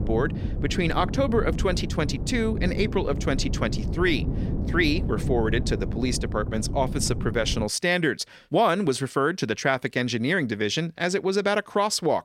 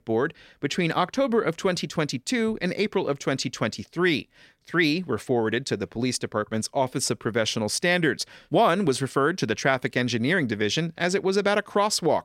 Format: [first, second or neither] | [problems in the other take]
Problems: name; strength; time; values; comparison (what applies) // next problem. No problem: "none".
second | wind noise on the microphone; occasional gusts; until 7.5 s; 15 dB below the speech